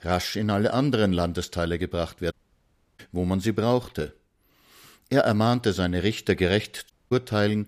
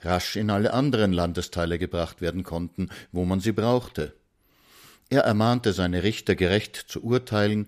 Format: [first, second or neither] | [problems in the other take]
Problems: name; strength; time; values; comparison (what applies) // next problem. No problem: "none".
second | audio cutting out; at 2.5 s for 0.5 s and at 7 s